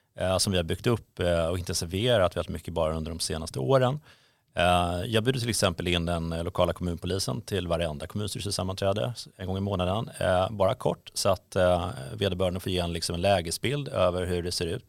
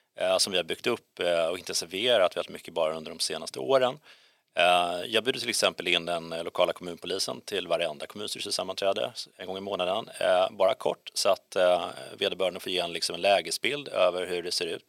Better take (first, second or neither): first